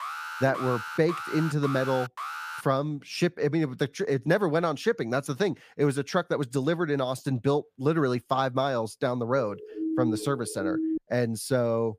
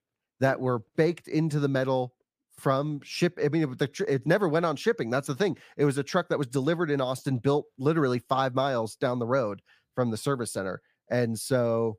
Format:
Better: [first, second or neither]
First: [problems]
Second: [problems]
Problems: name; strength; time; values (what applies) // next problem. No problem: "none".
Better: second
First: alarm; noticeable; until 2.5 s; peak 7 dB below the speech // siren; noticeable; from 9.5 to 11 s; peak 1 dB below the speech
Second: none